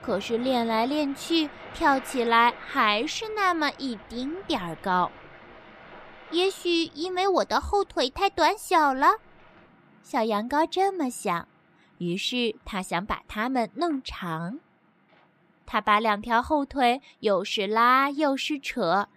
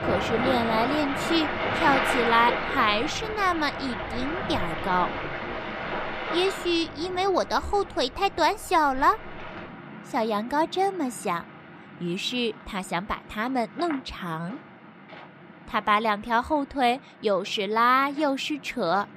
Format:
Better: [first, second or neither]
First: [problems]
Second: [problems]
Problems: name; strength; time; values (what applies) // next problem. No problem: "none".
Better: first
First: rain or running water; faint; throughout; 20 dB below the speech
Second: rain or running water; loud; throughout; 4 dB below the speech